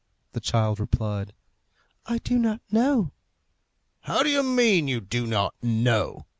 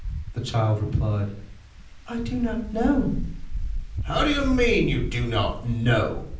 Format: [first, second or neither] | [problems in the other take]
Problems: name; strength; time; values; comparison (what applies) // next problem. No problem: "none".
first | background sound (Wind); 6 dB below the speech // room echo; dies away in 0.6 s